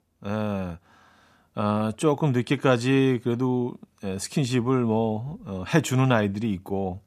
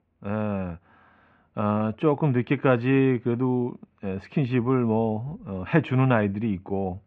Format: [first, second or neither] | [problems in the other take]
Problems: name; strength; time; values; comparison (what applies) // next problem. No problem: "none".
first | muffled; very; fading above 2.5 kHz